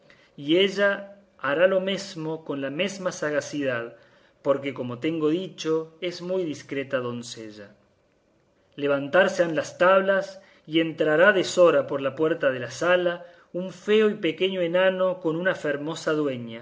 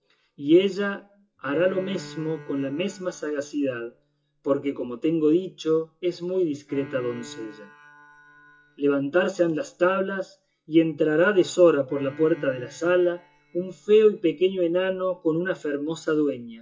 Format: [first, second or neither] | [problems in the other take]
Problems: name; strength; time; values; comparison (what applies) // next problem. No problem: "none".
first | noise reduction (classical method WPE with log-MMSE)